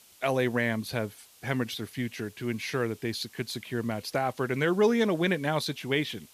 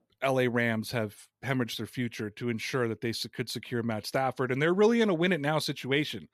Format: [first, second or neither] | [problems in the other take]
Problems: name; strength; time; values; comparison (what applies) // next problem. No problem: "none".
second | hiss; faint; throughout; 25 dB below the speech